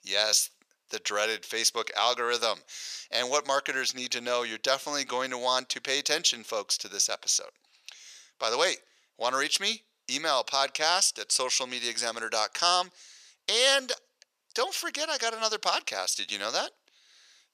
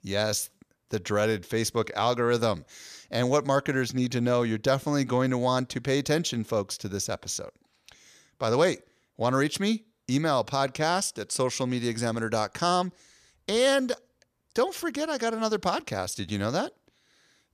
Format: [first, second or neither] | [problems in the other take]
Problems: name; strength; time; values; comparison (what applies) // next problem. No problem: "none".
second | thin; very; fading below 650 Hz